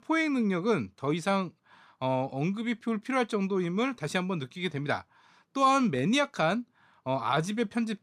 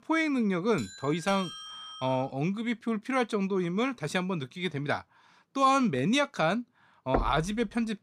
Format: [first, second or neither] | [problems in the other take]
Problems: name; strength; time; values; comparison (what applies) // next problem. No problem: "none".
first | doorbell; noticeable; from 1 to 2.5 s; peak 10 dB below the speech // door banging; noticeable; at 7 s; peak 4 dB below the speech